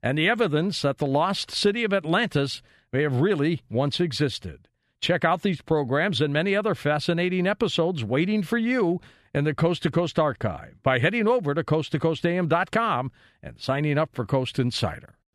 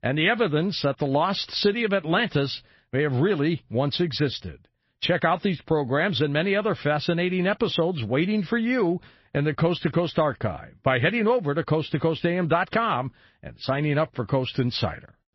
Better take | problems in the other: first | garbled, watery; slightly; nothing above 5 kHz

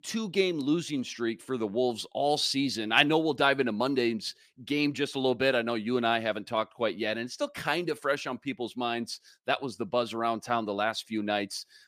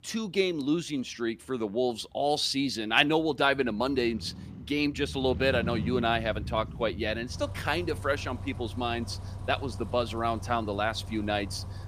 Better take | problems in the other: first | traffic noise; loud; throughout; 10 dB below the speech

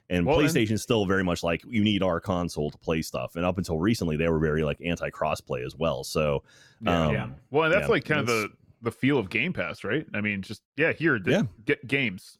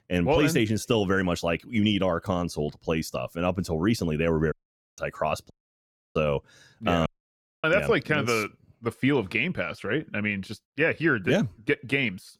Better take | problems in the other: first | audio cutting out; at 4.5 s, at 5.5 s for 0.5 s and at 7 s for 0.5 s

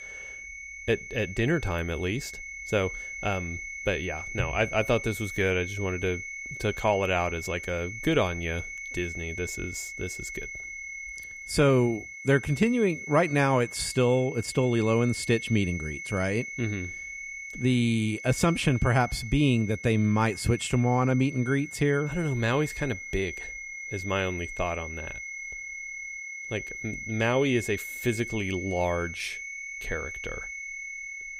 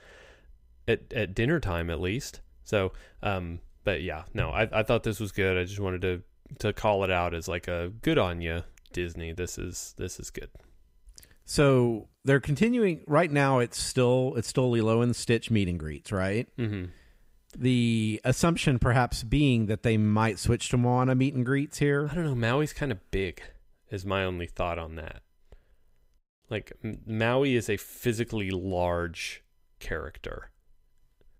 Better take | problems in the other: second | high-pitched whine; loud; throughout; 2 kHz, 9 dB below the speech

